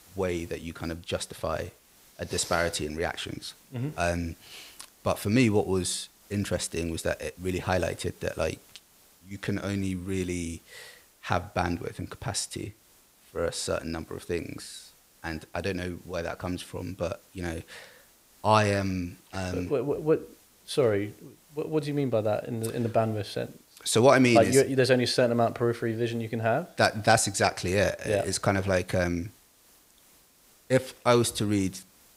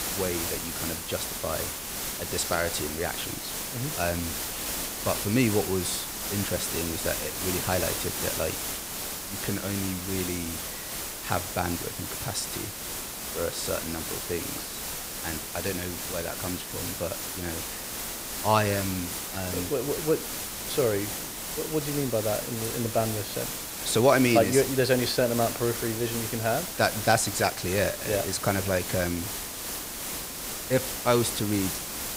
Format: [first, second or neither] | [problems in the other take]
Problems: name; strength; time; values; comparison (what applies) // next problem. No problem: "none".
first | hiss; loud; throughout; 3 dB below the speech; faint in the first